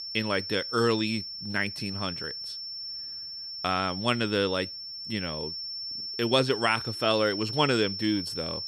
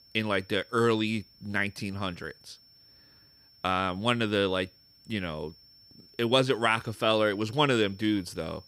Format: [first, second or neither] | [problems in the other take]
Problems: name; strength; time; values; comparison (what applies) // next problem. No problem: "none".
second | high-pitched whine; loud; throughout; 5.5 kHz, 6 dB below the speech; faint in the second